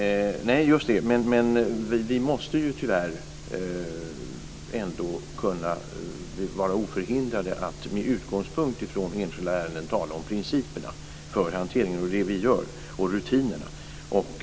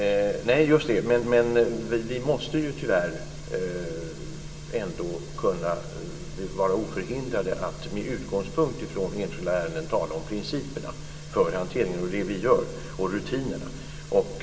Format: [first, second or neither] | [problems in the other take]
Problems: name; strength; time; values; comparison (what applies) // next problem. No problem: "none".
first | room echo; dies away in 2.2 s